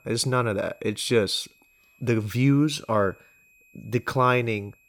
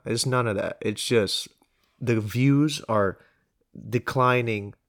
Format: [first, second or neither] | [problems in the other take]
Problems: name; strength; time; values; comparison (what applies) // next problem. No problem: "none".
second | high-pitched whine; faint; throughout; 2.5 kHz, 30 dB below the speech